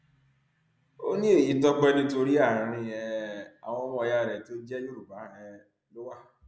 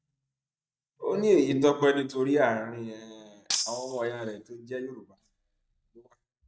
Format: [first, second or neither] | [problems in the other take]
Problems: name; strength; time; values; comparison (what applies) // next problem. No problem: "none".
first | noise reduction (neural mask model DeepFilterNet 3)